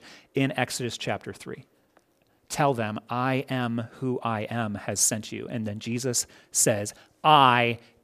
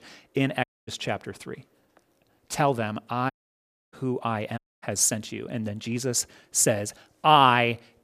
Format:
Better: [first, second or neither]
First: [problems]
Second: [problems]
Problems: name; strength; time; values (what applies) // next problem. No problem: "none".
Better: first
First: none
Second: audio cutting out; at 0.5 s, at 3.5 s for 0.5 s and at 4.5 s